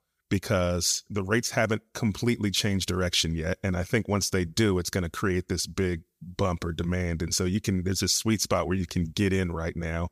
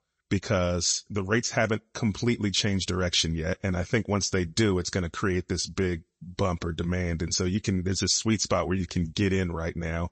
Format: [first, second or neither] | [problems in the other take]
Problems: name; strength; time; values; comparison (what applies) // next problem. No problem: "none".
first | garbled, watery; slightly; nothing above 7.5 kHz